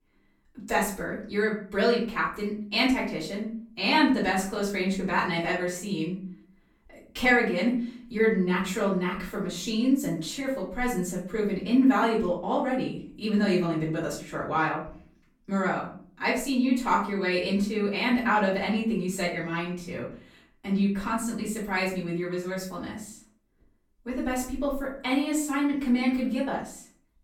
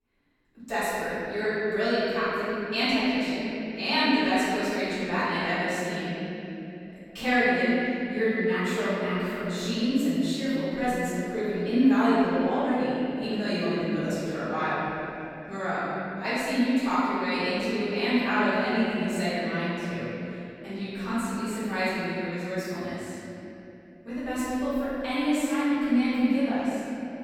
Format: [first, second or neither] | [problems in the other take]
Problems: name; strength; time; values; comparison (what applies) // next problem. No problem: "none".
first | room echo; strong; dies away in 3 s; slight in the first // off-mic speech; far; far in the first